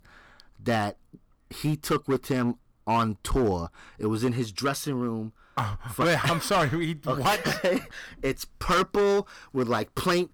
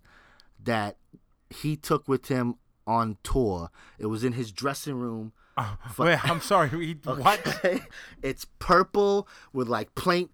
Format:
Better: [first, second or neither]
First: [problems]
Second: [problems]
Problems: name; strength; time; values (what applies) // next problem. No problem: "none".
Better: second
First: distortion; heavy; 8% of the sound clipped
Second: none